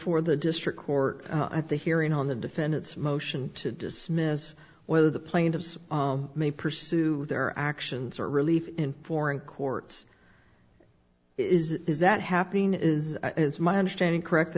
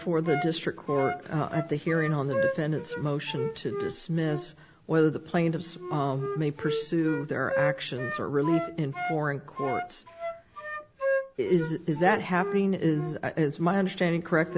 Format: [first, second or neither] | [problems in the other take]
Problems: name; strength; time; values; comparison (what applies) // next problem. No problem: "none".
first | background sound (Wind instrument, woodwind instrument); 7 dB below the speech